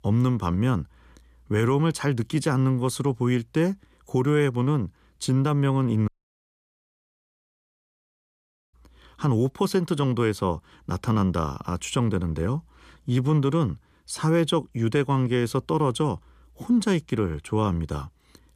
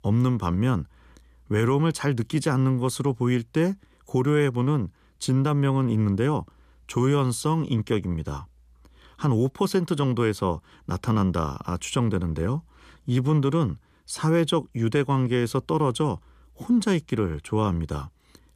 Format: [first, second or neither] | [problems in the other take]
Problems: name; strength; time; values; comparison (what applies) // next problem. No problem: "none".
second | audio cutting out; at 6 s for 2.5 s